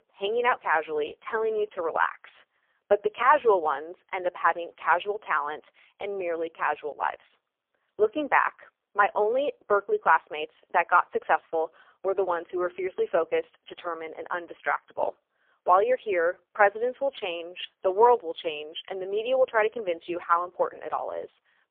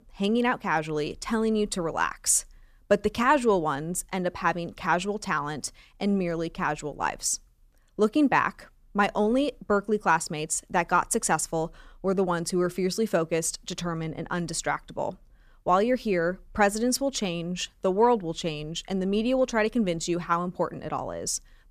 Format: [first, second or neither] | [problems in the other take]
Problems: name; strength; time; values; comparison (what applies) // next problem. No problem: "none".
second | phone-call audio; poor line; nothing above 3.5 kHz